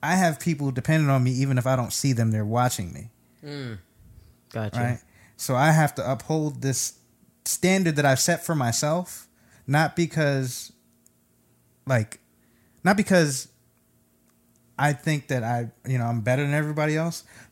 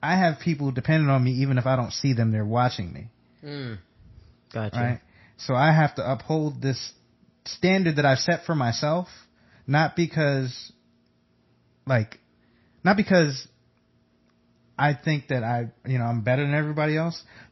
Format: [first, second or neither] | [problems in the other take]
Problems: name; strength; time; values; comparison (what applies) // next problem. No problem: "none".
first | garbled, watery; slightly; nothing above 5.5 kHz